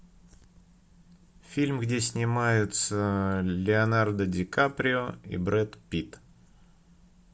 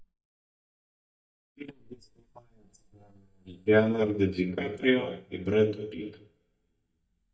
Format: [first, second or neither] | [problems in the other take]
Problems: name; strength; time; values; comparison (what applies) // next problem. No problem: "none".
first | noise reduction (neural mask model DeepFilterNet 3)